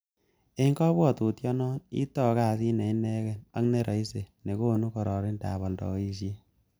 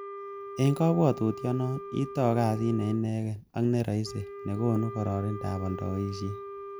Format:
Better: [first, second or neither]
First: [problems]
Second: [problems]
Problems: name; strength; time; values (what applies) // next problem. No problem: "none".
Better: first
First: none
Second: background sound (Wind instrument, woodwind instrument); 12 dB below the speech